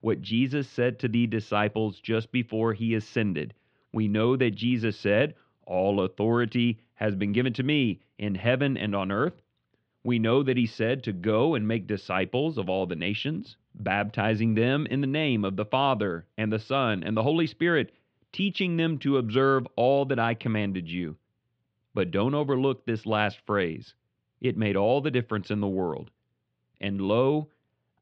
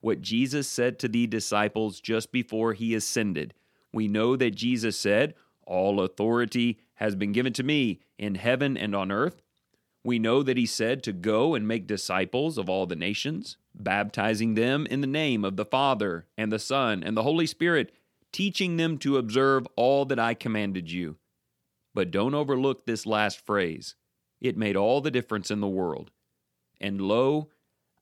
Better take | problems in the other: second | muffled; slightly; fading above 3.5 kHz

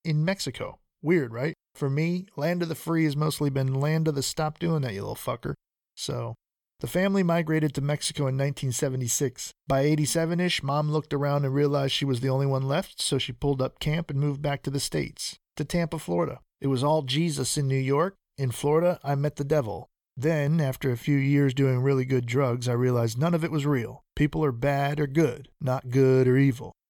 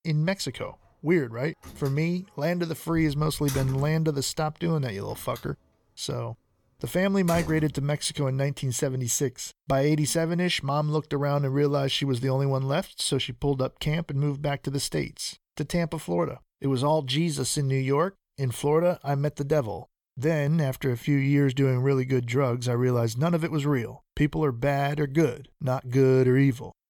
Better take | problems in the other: first | door banging; noticeable; from 1.5 to 8 s; peak 8 dB below the speech

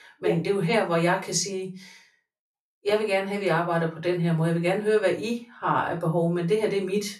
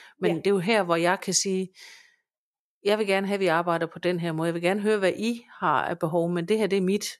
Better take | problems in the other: second | off-mic speech; somewhat distant // room echo; very slight; dies away in 0.3 s

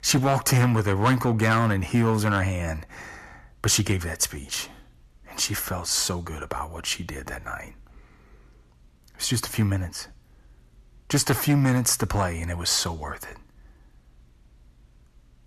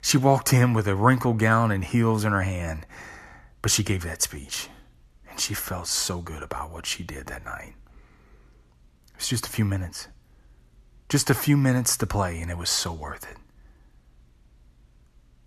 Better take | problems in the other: second | distortion; slight; 2% of the sound clipped

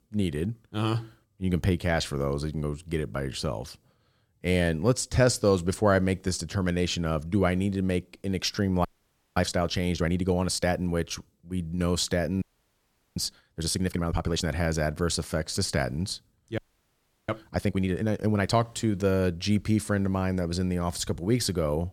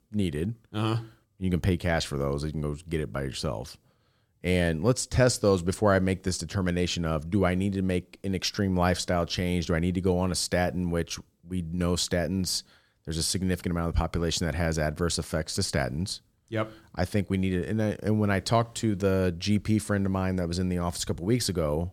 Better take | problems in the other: second | audio freezing; at 9 s for 0.5 s, at 12 s for 0.5 s and at 17 s for 0.5 s

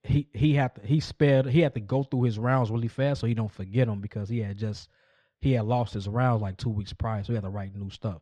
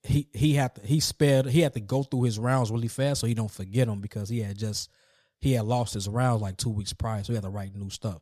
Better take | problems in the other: second | muffled; slightly; fading above 2.5 kHz

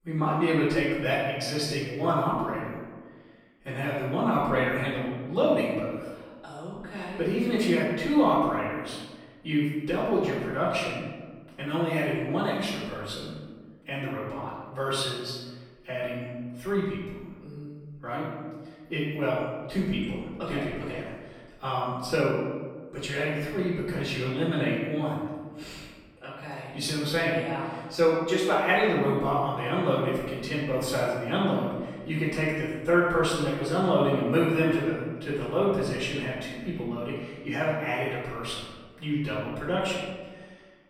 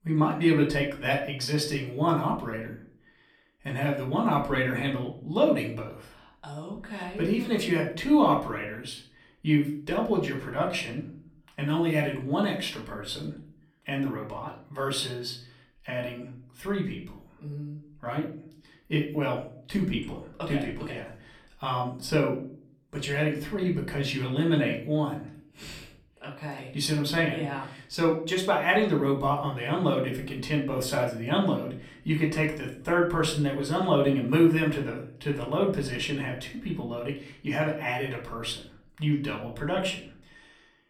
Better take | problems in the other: second | room echo; strong; dies away in 1.3 s; slight in the second // off-mic speech; far; far in the second

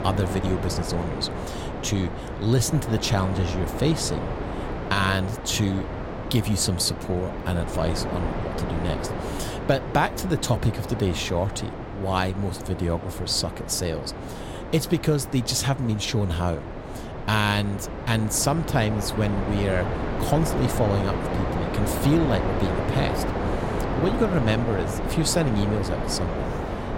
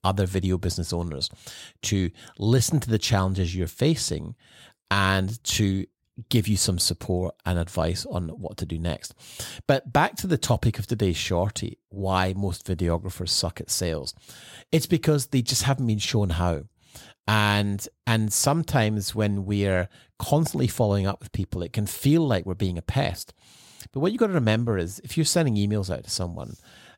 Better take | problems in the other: second | wind noise on the microphone; heavy; 4 dB below the speech

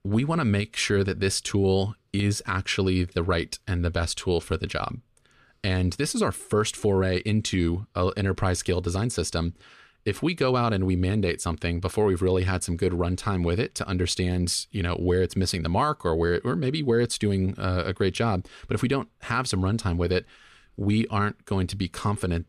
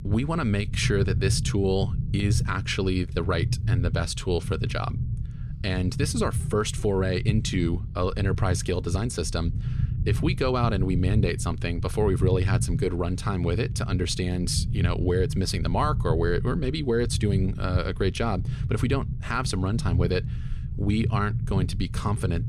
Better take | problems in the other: first | low rumble; noticeable; throughout; 15 dB below the speech

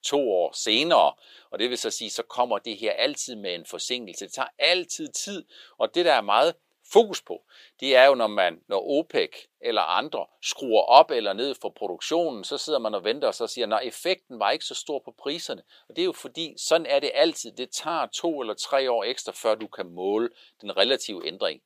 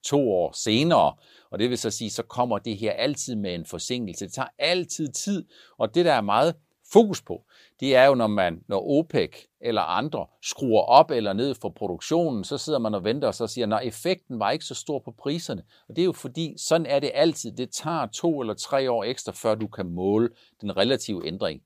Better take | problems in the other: second | thin; somewhat; fading below 450 Hz

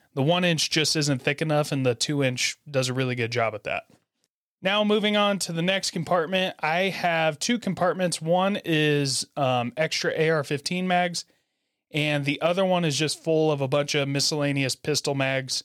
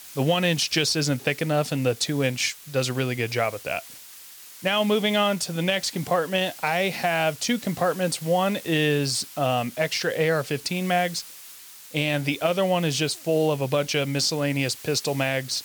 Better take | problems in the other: first | hiss; noticeable; throughout; 15 dB below the speech

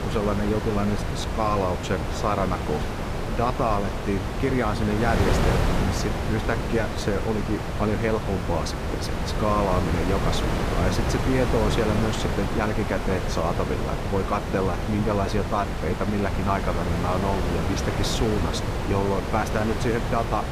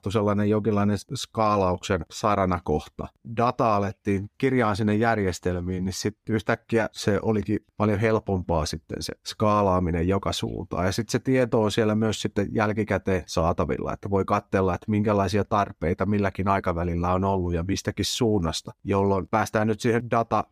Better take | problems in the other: second | wind noise on the microphone; heavy; 3 dB below the speech

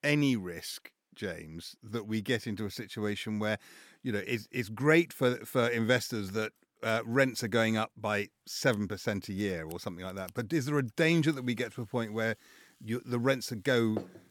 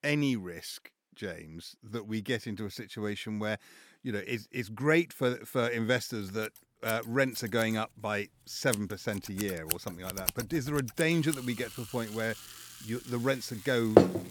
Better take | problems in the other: first | household noises; loud; from 6.5 s on; as loud as the speech; faint in the first

